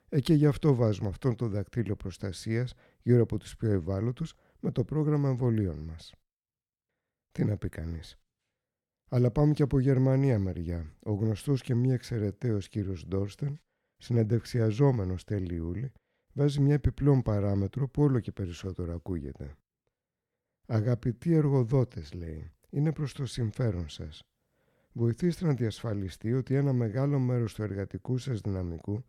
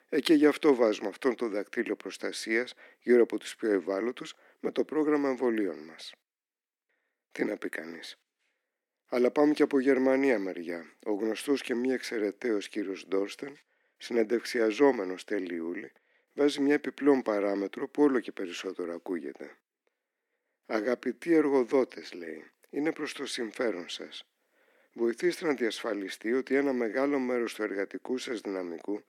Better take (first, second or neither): first